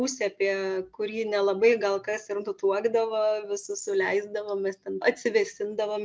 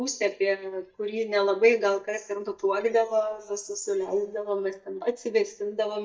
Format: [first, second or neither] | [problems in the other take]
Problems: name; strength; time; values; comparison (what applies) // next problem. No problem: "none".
first | noise reduction (neural mask model DeepFilterNet 3)